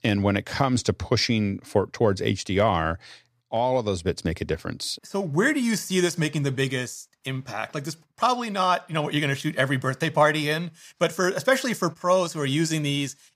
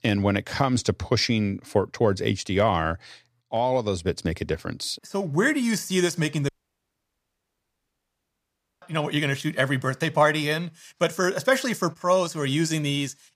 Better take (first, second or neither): first